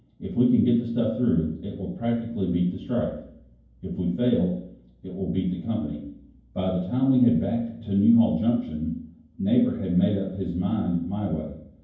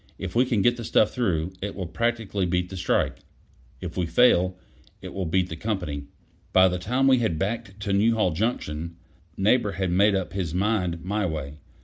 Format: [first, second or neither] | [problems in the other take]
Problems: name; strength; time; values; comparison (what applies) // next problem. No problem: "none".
second | room echo; dies away in 0.9 s